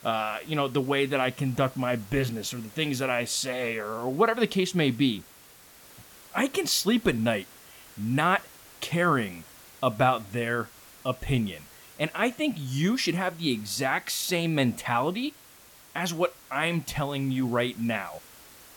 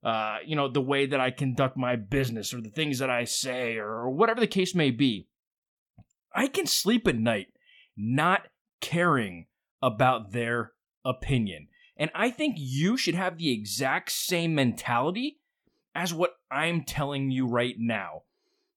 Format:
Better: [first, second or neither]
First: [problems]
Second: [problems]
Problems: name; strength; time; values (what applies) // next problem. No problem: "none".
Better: second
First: hiss; faint; throughout; 20 dB below the speech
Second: none